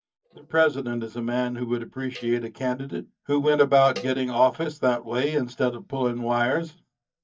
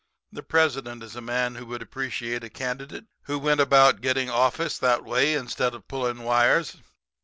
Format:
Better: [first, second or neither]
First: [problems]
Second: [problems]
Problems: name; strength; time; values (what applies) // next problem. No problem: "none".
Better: second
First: noise reduction (neural mask model DeepFilterNet 3)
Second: none